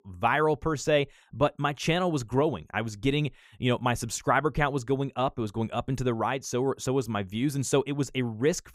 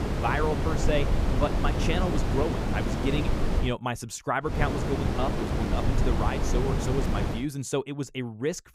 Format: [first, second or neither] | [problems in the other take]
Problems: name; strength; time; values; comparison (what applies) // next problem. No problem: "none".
first | wind noise on the microphone; heavy; until 3.5 s and from 4.5 to 7.5 s; 2 dB below the speech